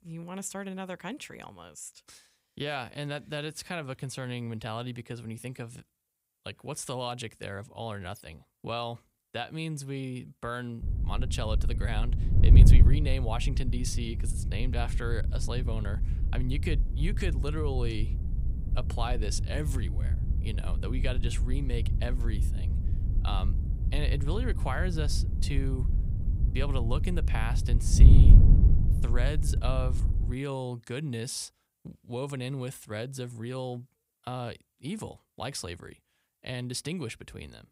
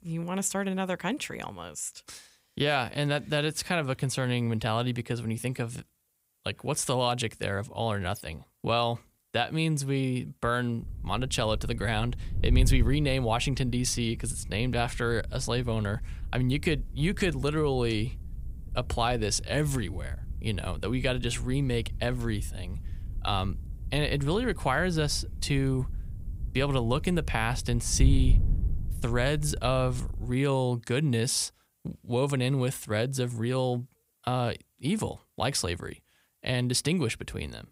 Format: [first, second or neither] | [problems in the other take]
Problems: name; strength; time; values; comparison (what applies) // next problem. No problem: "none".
second | wind noise on the microphone; heavy; from 11 to 30 s; 6 dB below the speech; occasional gusts in the second